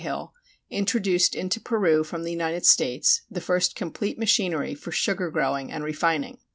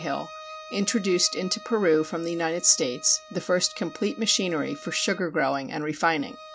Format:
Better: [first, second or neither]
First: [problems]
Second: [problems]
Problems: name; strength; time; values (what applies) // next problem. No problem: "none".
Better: first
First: none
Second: background sound (Bowed string instrument); 18 dB below the speech